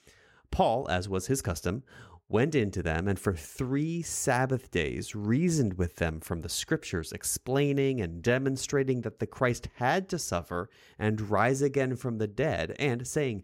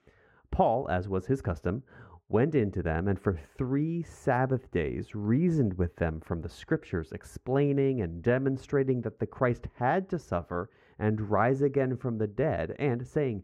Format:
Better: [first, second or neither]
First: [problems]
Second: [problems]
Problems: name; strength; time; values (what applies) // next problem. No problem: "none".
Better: first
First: none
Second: muffled; very; fading above 3 kHz